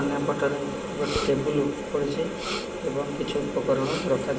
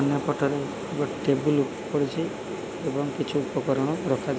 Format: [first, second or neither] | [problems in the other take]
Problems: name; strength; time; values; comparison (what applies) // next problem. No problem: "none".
second | background sound (Respiratory sounds); 12 dB below the speech // room echo; dies away in 0.6 s